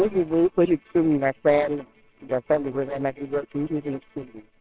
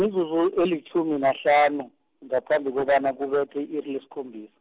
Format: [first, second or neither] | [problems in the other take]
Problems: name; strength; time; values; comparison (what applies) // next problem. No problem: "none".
second | noise reduction (neural separator model SepFormer WHAMR!)